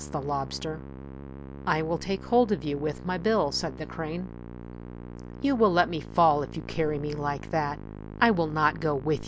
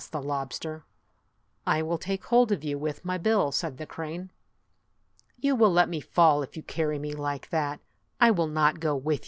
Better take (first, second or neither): second